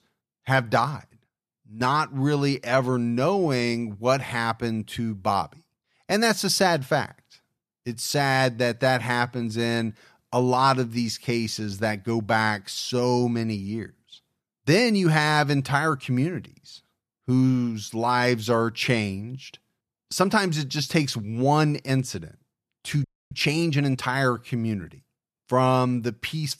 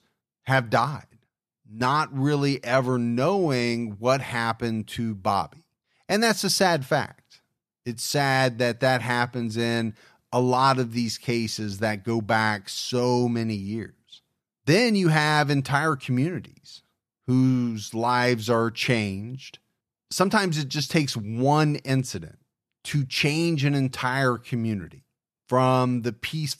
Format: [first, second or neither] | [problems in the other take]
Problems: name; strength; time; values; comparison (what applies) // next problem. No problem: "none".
second | audio freezing; at 23 s